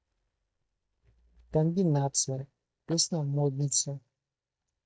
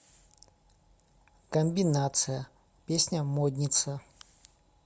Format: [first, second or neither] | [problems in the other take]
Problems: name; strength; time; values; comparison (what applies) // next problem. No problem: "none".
second | noise reduction (neural mask model DeepFilterNet 3)